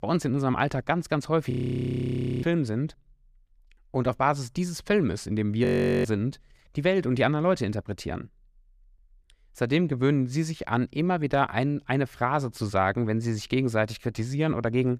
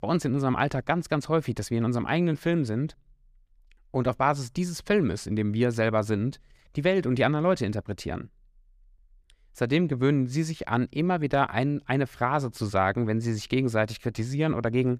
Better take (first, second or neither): second